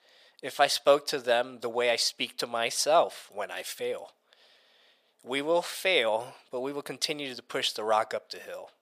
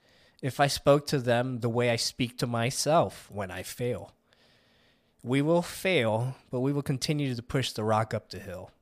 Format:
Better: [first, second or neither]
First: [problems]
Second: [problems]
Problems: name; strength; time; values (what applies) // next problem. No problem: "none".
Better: second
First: thin; very; fading below 550 Hz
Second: none